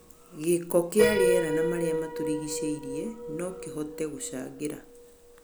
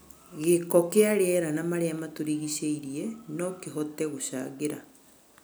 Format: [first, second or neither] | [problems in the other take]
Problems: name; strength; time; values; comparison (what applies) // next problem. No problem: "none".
second | background sound (Piano); 1 dB below the speech